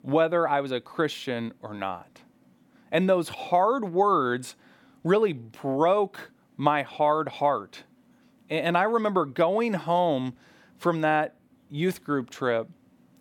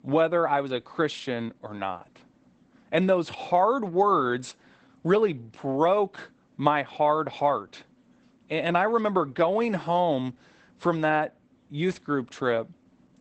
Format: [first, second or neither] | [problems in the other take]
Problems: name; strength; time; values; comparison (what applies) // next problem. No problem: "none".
first | garbled, watery; badly; nothing above 8 kHz